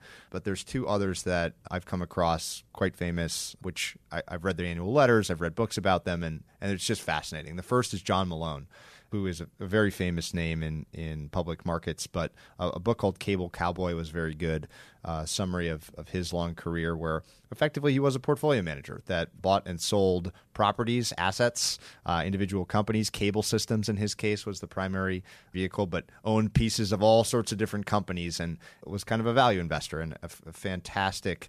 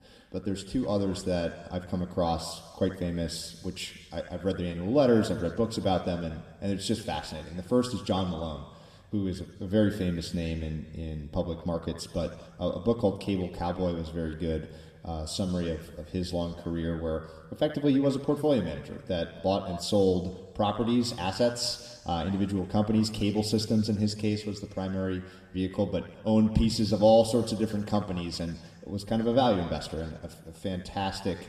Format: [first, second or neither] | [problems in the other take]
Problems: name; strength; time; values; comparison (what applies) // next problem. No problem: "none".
first | room echo; slight; dies away in 1.3 s